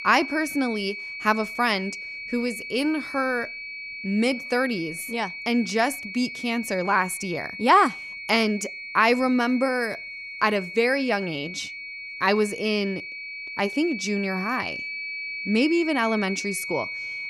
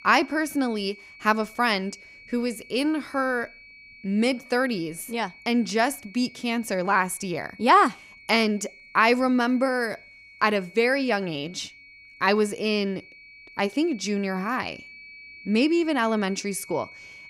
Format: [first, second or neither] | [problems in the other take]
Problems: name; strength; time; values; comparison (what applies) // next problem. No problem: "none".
second | high-pitched whine; loud; throughout; 2.5 kHz, 8 dB below the speech; faint in the second